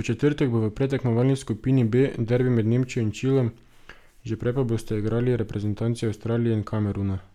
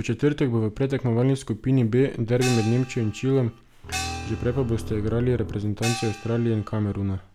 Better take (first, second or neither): first